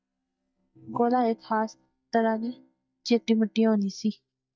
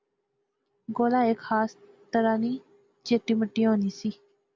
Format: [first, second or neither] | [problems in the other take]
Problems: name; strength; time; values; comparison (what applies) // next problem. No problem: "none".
second | noise reduction (neural mask model DeepFilterNet 3)